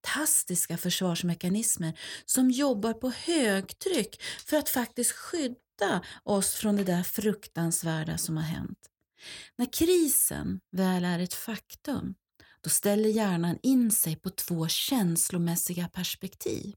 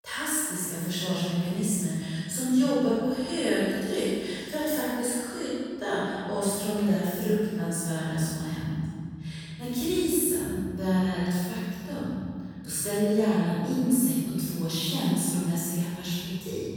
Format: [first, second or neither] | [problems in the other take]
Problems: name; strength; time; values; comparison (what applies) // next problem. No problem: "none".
first | off-mic speech; far // room echo; strong; dies away in 2.6 s